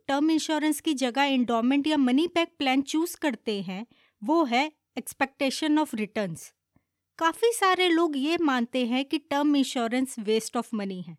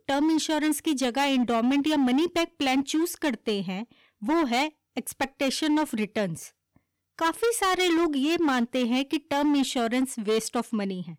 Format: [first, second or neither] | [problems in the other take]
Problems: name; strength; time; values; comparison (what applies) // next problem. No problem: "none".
first | distortion; slight; 15% of the sound clipped